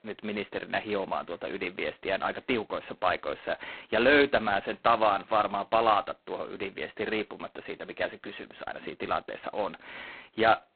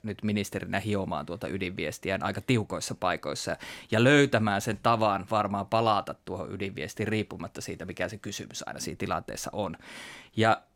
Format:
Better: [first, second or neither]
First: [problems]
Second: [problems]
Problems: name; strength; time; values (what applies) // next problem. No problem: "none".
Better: second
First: phone-call audio; poor line; nothing above 4 kHz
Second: none